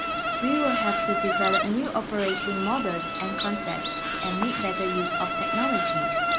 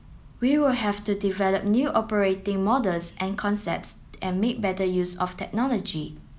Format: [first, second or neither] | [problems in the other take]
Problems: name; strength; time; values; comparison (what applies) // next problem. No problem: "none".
second | background sound (Insect); 2 dB above the speech